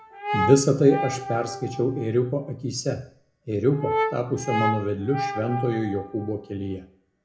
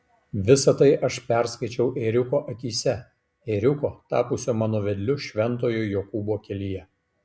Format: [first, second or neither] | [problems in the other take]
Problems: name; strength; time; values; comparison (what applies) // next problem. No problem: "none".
second | background sound (Brass instrument); 6 dB below the speech // room echo; dies away in 0.3 s